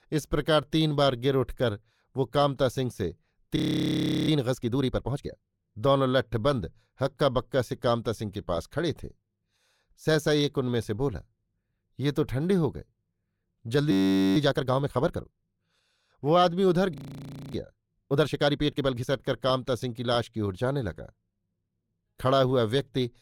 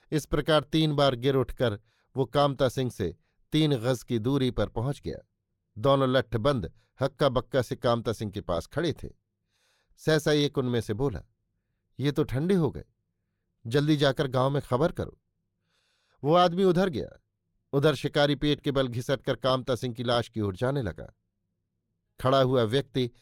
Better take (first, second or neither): second